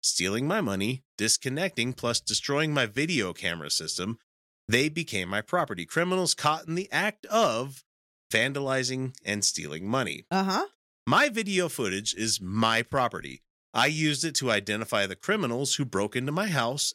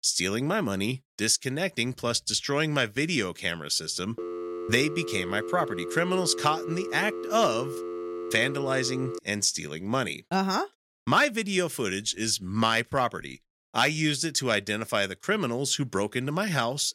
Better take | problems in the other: first | phone ringing; noticeable; from 4 to 9 s; peak 8 dB below the speech

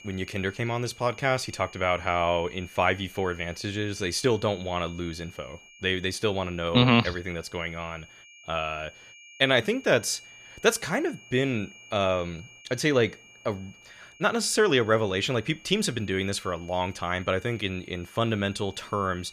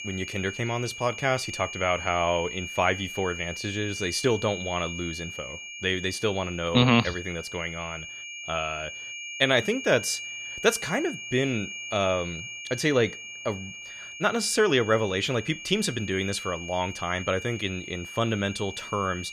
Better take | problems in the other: first | high-pitched whine; loud; throughout; 2.5 kHz, 9 dB below the speech; faint in the first

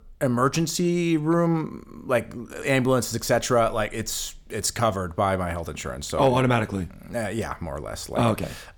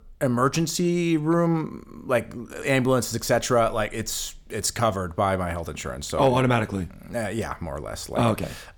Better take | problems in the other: neither | none

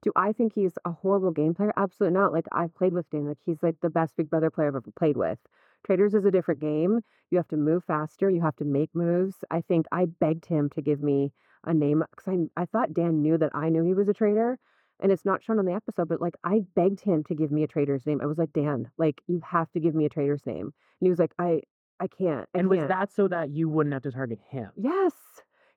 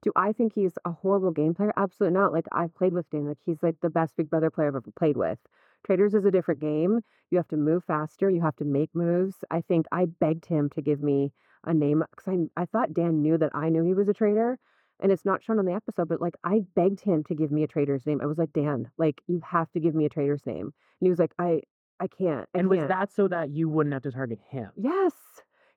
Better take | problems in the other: neither | muffled; very; fading above 2 kHz; the same in both

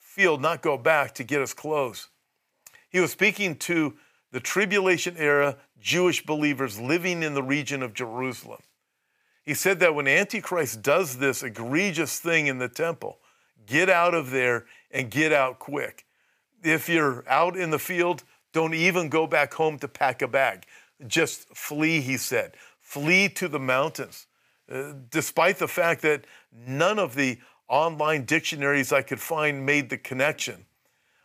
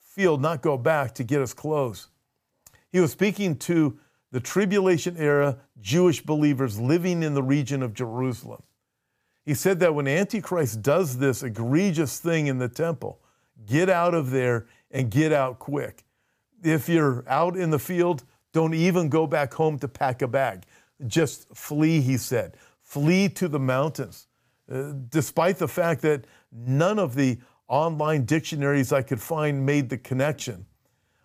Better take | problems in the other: second | thin; somewhat; fading below 1 kHz

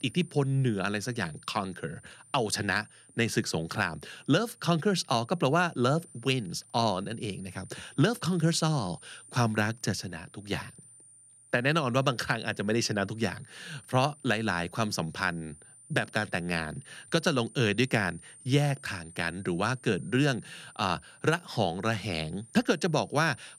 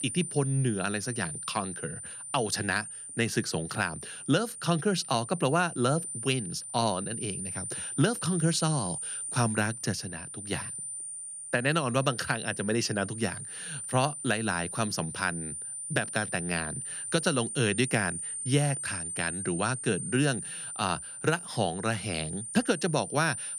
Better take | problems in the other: first | high-pitched whine; loud; throughout; 9 kHz, 6 dB below the speech; faint in the first

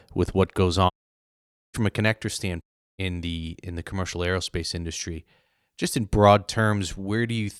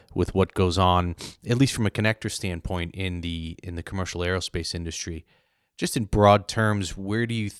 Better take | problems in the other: second | audio cutting out; at 1 s for 1 s and at 2.5 s

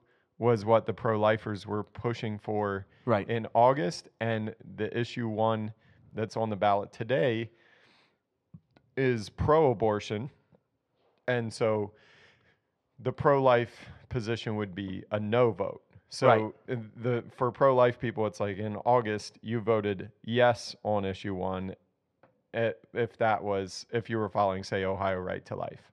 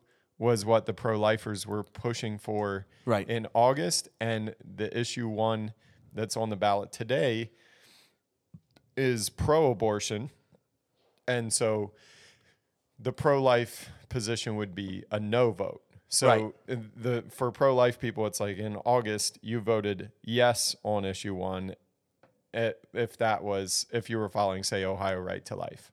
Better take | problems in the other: second | muffled; slightly; fading above 3 kHz

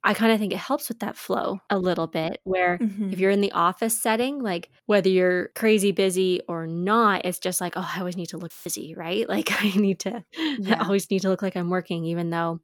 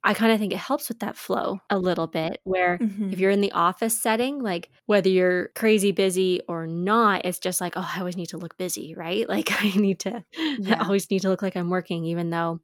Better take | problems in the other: second | audio cutting out; filled with static; at 8.5 s

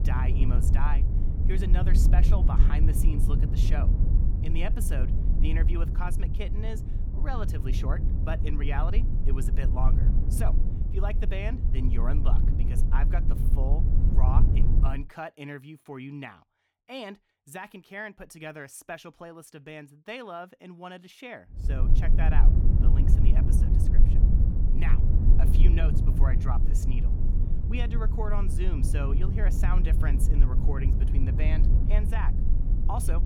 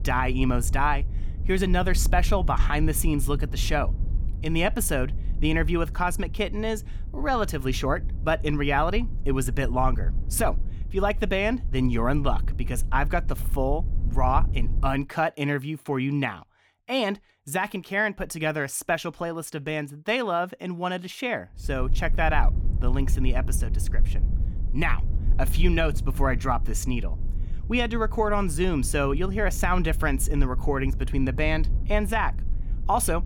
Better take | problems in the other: second | low rumble; loud; until 15 s and from 22 s on; 3 dB below the speech; faint in the second

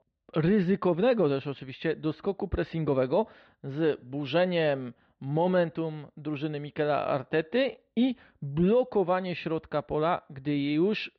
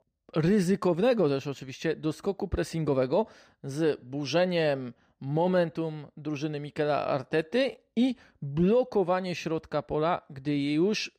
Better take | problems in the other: second | muffled; slightly; fading above 3.5 kHz

